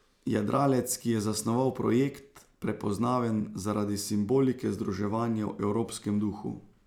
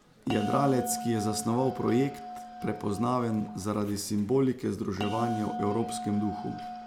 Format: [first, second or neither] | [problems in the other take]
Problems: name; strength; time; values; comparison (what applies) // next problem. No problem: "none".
first | background sound (Bell); 9 dB below the speech